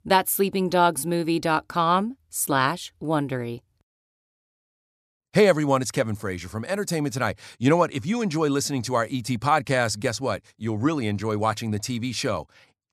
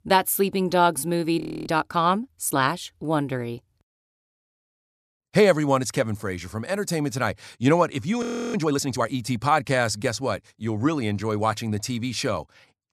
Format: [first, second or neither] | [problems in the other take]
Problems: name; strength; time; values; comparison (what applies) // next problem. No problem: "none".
first | audio freezing; at 1.5 s and at 8 s